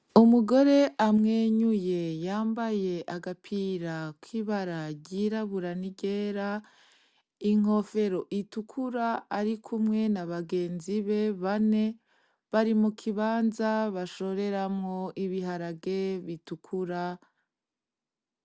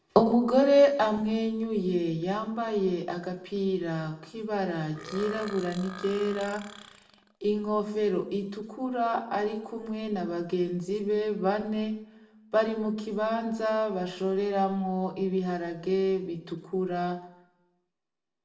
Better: first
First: none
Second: background sound (Burping, eructation); 16 dB below the speech // room echo; dies away in 0.6 s

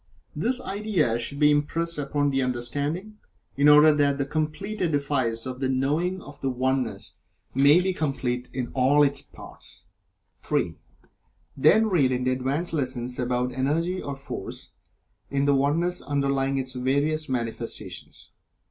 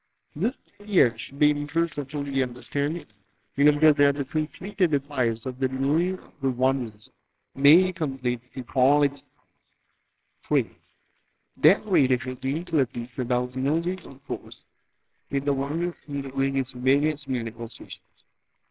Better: first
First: none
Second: noise reduction (neural separator model SepFormer WHAMR!)

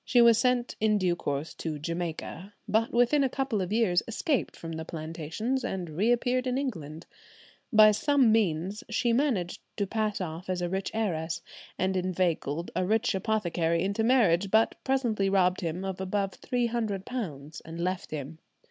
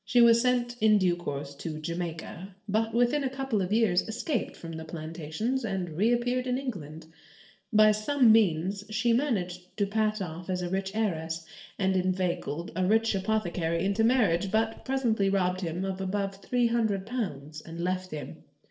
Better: first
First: none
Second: noise reduction (neural separator model SepFormer DNS4)

